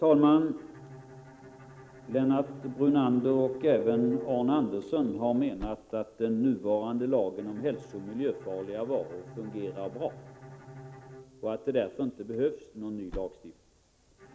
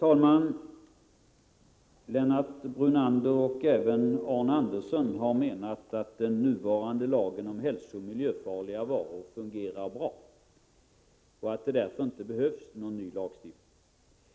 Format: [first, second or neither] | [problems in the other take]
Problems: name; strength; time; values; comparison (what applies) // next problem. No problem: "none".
second | background sound (Slam / Car + Bowed string instrument); 19 dB below the speech